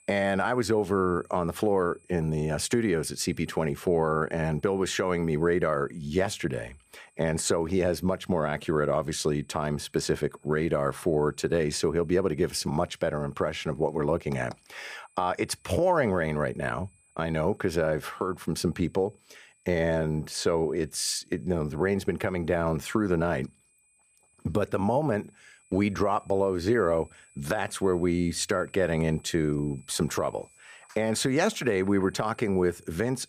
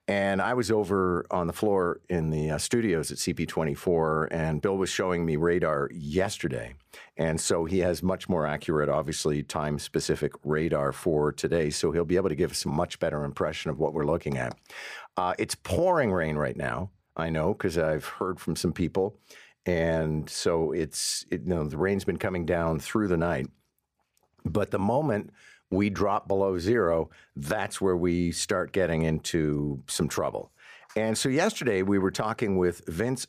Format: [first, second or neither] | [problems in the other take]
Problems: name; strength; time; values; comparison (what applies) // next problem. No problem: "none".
second | high-pitched whine; faint; throughout; 8 kHz, 30 dB below the speech